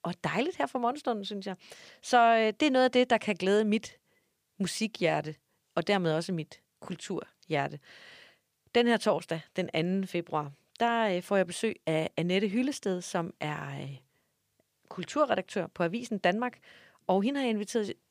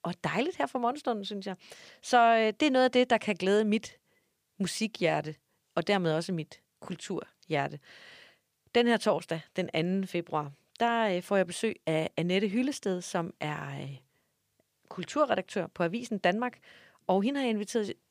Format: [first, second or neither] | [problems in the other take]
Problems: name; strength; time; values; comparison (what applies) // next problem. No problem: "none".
neither | none